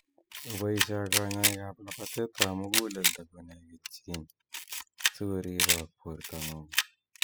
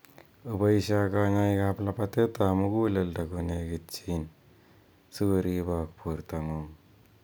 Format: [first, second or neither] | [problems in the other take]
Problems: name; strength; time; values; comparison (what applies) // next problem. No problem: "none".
second | noise reduction (classical method spectral subtraction)